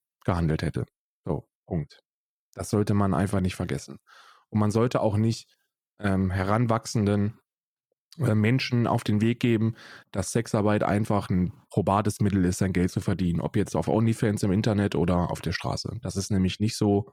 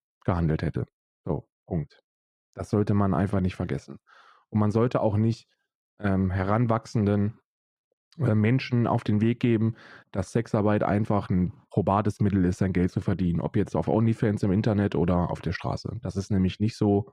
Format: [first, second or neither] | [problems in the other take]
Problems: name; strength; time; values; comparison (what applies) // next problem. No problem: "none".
first | muffled; slightly; fading above 2 kHz